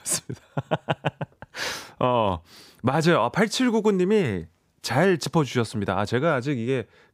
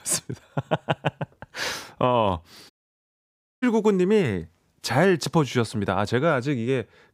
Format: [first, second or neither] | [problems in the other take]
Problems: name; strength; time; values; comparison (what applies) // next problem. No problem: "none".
first | audio cutting out; at 2.5 s for 1 s